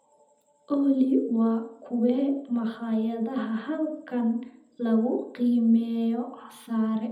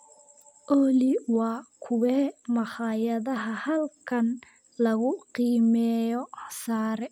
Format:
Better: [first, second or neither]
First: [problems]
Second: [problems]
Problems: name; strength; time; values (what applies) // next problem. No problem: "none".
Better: second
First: room echo; dies away in 0.8 s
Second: none